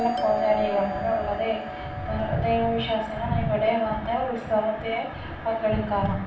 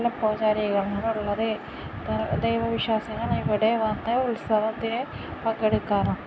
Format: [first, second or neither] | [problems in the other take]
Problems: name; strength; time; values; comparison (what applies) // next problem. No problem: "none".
second | background sound (Doorbell); 10 dB below the speech // room echo; dies away in 0.5 s